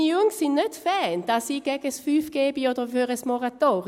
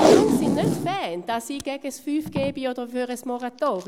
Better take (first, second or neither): first